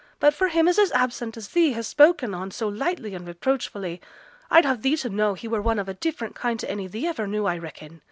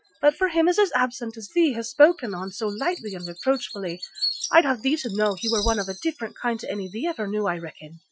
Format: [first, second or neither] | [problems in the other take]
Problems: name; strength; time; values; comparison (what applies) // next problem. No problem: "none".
first | noise reduction (classical method Wiener filter)